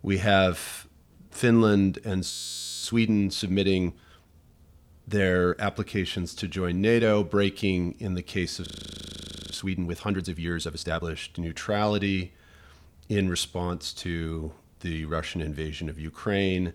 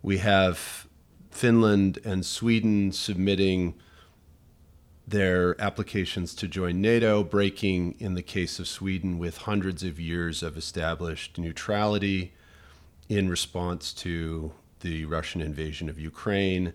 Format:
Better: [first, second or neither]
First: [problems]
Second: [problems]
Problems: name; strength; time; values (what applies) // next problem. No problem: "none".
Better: second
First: audio freezing; at 2.5 s for 0.5 s and at 8.5 s for 1 s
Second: none